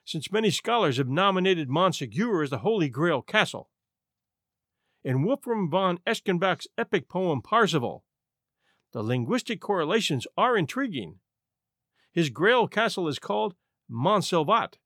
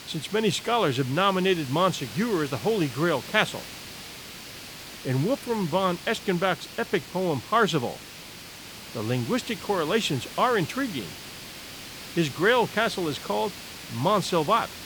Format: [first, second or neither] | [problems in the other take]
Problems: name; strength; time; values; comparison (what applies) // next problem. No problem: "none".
first | hiss; noticeable; throughout; 15 dB below the speech